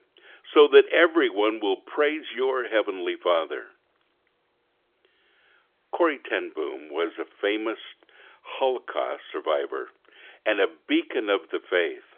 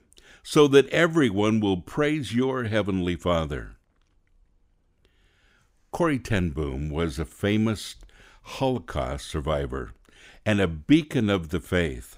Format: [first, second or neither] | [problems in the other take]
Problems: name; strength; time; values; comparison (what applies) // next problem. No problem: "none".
second | phone-call audio; nothing above 3.5 kHz